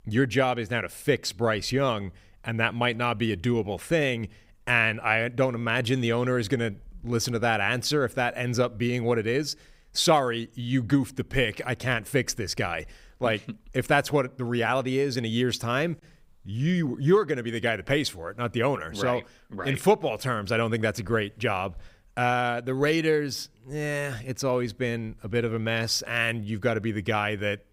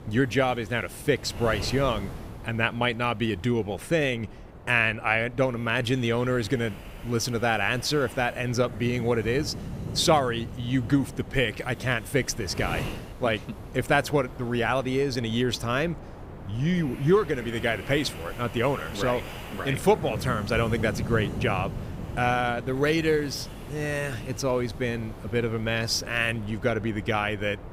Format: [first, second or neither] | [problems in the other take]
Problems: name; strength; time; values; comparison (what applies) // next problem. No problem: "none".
first | wind noise on the microphone; occasional gusts; 15 dB below the speech